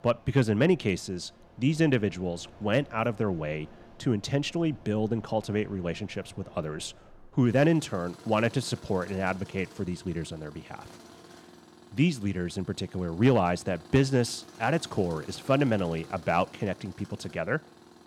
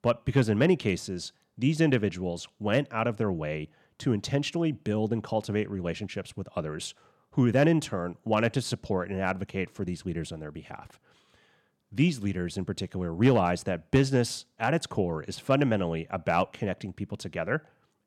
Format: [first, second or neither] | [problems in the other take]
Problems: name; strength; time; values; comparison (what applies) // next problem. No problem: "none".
second | machinery noise; faint; throughout; 20 dB below the speech